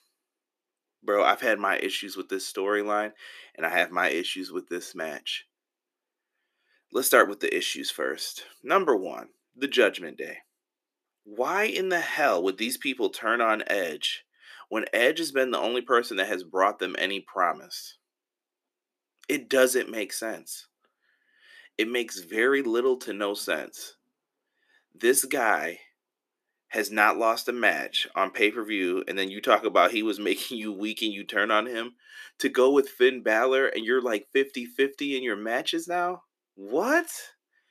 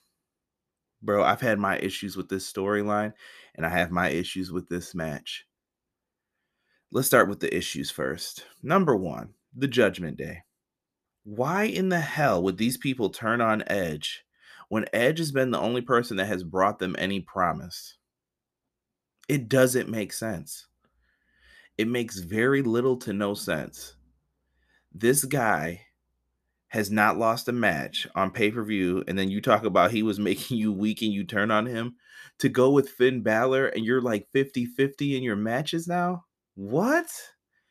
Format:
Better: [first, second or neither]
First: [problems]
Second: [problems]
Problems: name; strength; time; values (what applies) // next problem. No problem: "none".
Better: second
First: thin; somewhat; fading below 300 Hz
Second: none